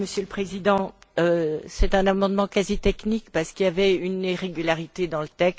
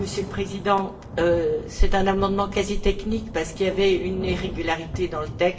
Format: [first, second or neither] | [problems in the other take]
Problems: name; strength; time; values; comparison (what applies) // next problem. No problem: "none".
first | background sound (Thunder / Rain); 11 dB below the speech // room echo; dies away in 0.6 s